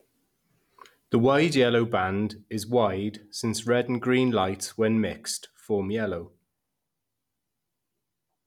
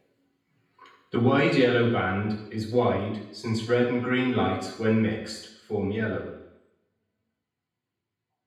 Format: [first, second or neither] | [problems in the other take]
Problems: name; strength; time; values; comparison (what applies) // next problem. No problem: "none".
first | room echo; dies away in 0.9 s